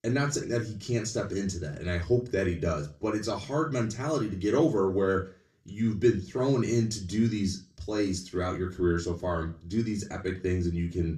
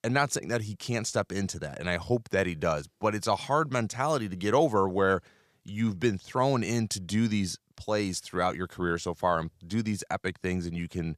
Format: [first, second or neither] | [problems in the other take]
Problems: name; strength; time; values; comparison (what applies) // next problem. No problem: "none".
second | room echo; very slight; dies away in 0.3 s // off-mic speech; far